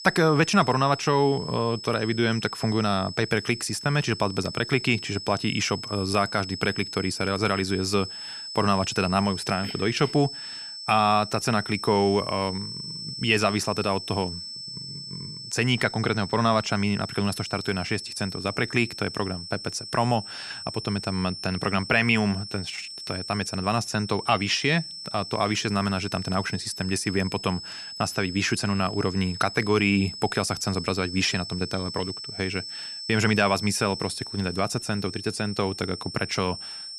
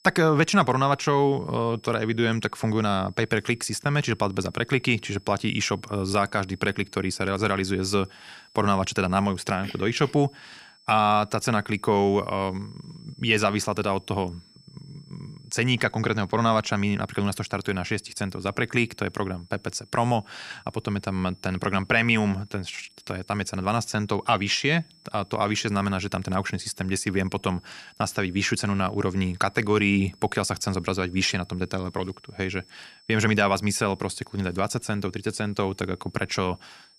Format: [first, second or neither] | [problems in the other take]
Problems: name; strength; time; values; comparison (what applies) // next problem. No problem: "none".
second | high-pitched whine; loud; throughout; 5 kHz, 9 dB below the speech; faint in the second